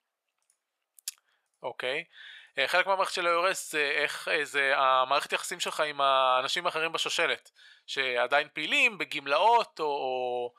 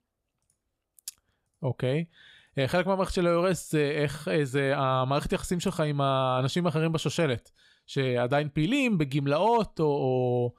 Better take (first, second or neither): second